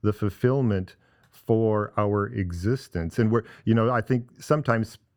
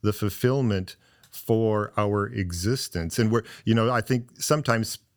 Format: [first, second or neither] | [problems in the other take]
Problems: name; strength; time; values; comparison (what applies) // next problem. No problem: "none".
second | muffled; slightly; fading above 2.5 kHz